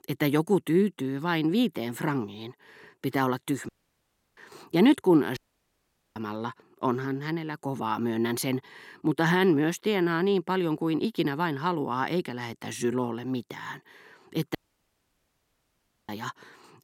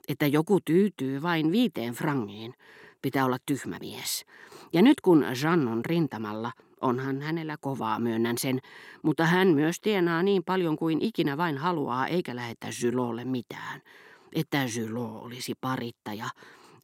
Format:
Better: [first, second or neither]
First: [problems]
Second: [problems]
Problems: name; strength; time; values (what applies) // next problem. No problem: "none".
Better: second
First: audio cutting out; at 3.5 s for 0.5 s, at 5.5 s for 1 s and at 15 s for 1.5 s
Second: none